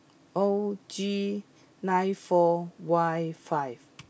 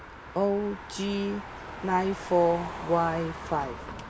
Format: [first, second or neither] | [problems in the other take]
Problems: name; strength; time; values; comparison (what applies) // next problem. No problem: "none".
first | background sound (Motor vehicle (road)); 11 dB below the speech